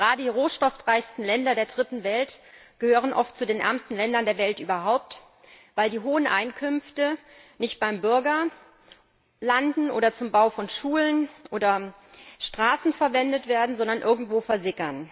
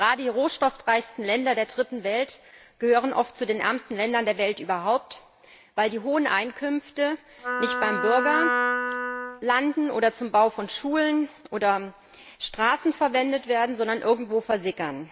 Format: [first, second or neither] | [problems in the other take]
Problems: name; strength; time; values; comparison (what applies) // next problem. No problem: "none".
first | background sound (Wind instrument, woodwind instrument); 2 dB below the speech